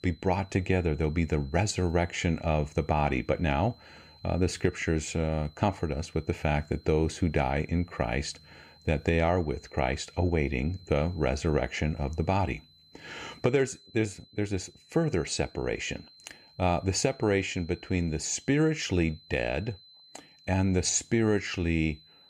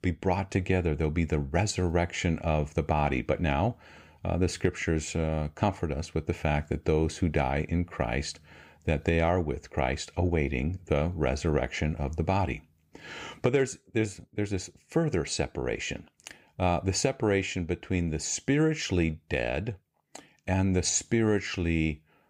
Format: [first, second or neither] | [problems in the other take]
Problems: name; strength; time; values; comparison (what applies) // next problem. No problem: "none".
second | high-pitched whine; faint; throughout; 4 kHz, 25 dB below the speech